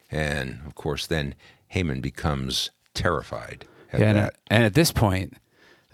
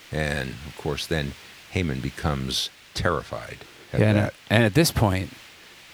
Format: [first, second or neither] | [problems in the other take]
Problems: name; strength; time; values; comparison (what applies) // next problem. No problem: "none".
first | hiss; faint; throughout; 20 dB below the speech